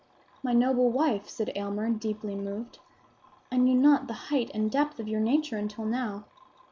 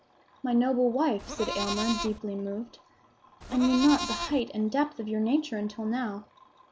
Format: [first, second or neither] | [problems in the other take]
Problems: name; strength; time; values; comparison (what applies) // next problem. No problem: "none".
first | background sound (Livestock, farm animals, working animals); 6 dB below the speech